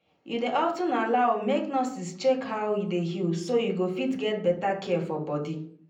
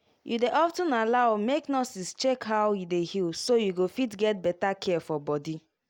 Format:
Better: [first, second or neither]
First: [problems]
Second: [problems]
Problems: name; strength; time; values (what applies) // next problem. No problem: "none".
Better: second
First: room echo; dies away in 0.6 s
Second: none